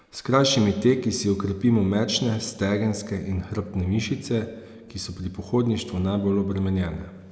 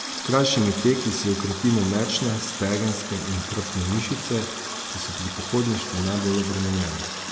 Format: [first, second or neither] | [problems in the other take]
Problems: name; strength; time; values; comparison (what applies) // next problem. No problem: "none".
first | background sound (Water tap, faucet); 7 dB below the speech